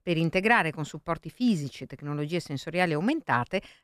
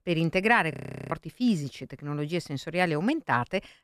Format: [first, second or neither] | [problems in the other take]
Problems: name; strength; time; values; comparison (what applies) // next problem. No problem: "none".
first | audio freezing; at 0.5 s